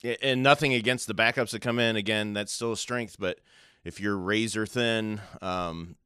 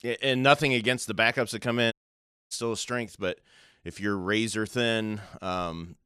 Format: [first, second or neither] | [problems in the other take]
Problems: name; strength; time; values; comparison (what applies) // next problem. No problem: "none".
first | audio cutting out; at 2 s for 0.5 s